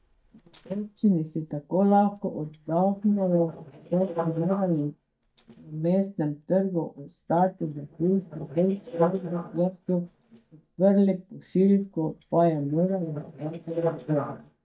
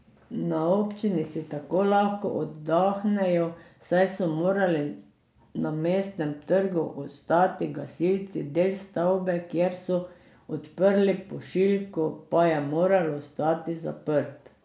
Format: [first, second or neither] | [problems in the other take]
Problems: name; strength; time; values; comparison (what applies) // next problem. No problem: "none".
second | noise reduction (neural mask model DeepFilterNet 3)